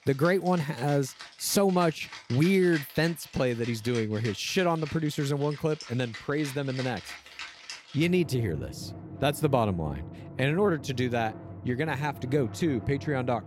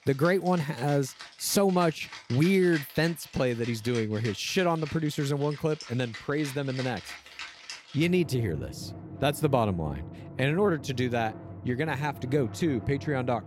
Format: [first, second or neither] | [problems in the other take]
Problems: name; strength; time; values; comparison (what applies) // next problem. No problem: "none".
neither | background music; noticeable; throughout; 15 dB below the speech; the same in both